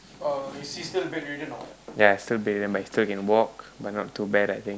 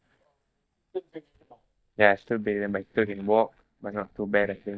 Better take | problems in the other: first | noise reduction (neural mask model DeepFilterNet 3)

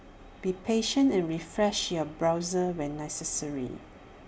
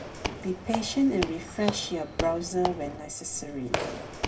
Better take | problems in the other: first | background sound (Squeak / Walk, footsteps); 5 dB below the speech // room echo; dies away in 0.4 s

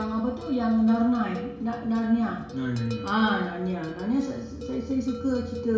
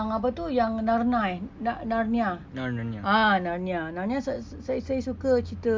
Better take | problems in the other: second | background sound (Bell); 15 dB below the speech // room echo; dies away in 0.7 s

